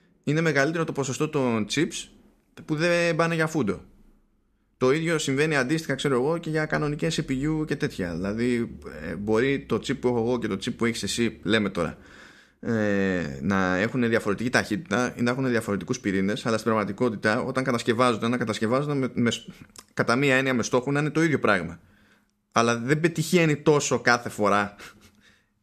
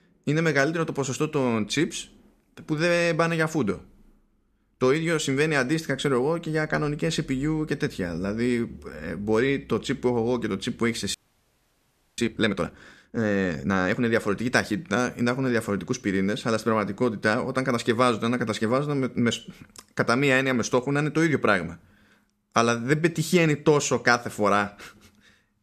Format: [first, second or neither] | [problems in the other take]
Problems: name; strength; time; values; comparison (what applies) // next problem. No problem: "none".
first | audio freezing; at 11 s for 1 s